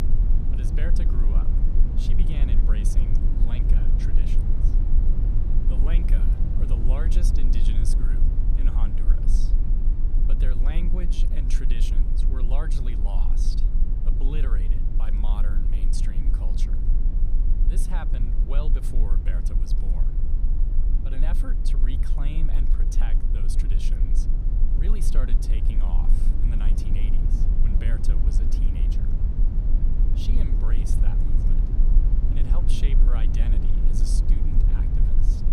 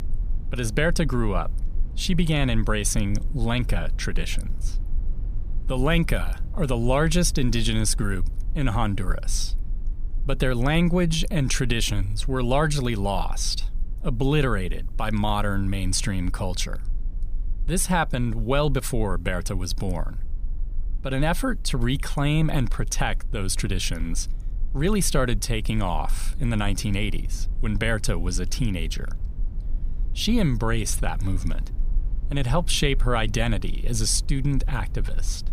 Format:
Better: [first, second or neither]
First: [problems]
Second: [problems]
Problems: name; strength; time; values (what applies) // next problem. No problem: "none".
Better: second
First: low rumble; loud; throughout; 1 dB below the speech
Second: low rumble; faint; throughout; 25 dB below the speech